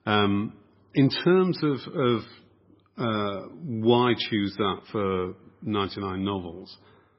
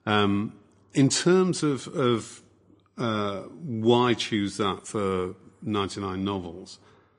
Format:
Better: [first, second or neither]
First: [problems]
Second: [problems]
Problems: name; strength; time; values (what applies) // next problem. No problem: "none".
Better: second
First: garbled, watery; badly; nothing above 5 kHz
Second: garbled, watery; slightly; nothing above 10 kHz